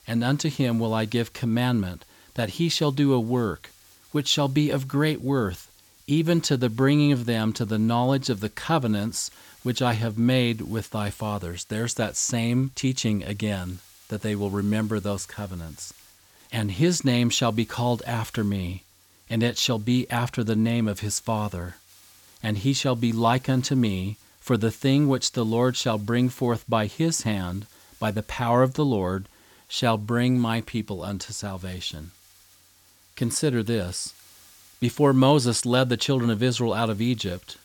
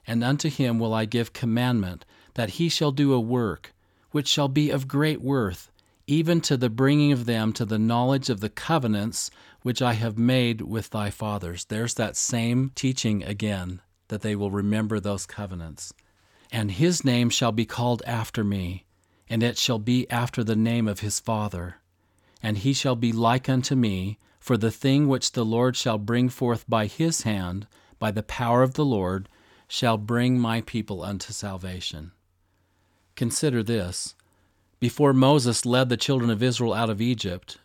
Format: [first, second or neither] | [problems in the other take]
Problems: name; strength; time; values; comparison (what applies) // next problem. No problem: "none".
second | hiss; faint; throughout; 25 dB below the speech